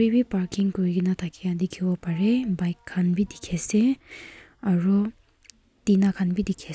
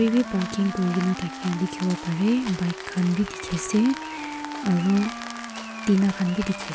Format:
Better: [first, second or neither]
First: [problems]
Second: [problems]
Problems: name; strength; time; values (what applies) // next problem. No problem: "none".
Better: first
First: none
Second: background sound (Rain + Wind instrument, woodwind instrument); 10 dB below the speech